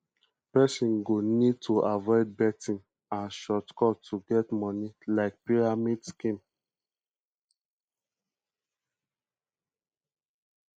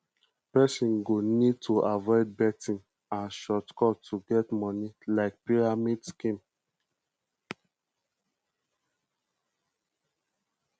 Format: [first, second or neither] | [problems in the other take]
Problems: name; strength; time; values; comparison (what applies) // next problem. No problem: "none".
second | noise reduction (neural mask model Resemble Enhance denoiser)